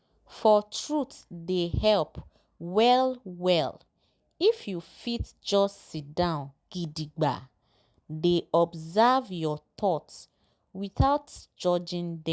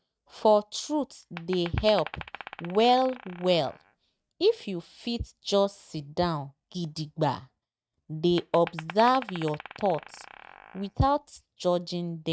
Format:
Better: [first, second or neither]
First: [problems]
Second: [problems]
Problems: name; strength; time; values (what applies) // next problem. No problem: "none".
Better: first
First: none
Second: noise reduction (neural mask model RNNoise)